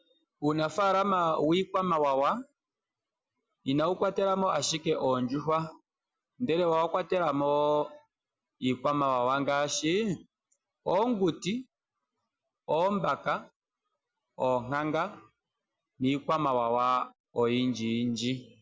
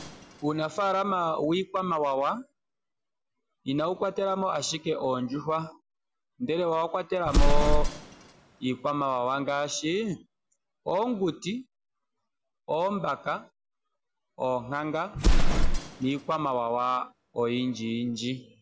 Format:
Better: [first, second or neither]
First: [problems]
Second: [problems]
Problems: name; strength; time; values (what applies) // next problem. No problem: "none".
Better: first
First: none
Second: background sound (Explosion); as loud as the speech